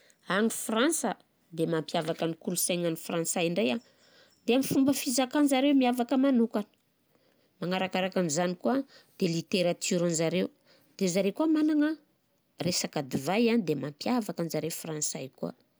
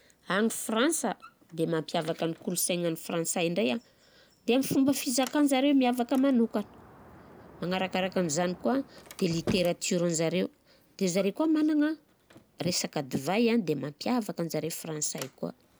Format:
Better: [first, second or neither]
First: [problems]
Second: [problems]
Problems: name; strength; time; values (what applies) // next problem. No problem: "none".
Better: first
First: none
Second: background sound (Sliding door); 19 dB below the speech